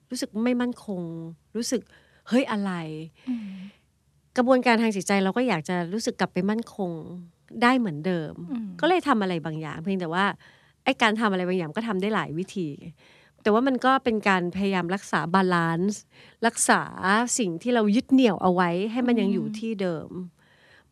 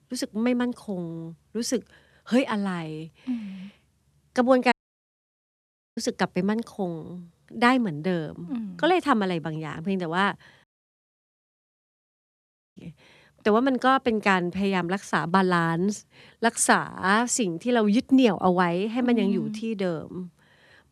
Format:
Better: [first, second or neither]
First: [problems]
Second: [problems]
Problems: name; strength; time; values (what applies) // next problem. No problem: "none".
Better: first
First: none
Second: audio cutting out; at 4.5 s for 1.5 s and at 11 s for 2 s